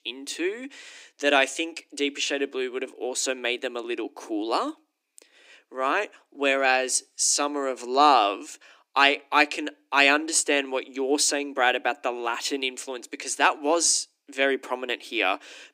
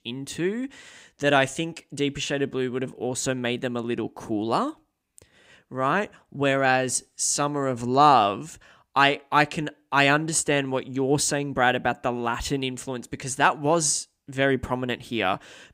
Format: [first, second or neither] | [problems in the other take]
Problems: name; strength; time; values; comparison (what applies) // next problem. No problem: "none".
second | thin; very slightly; fading below 300 Hz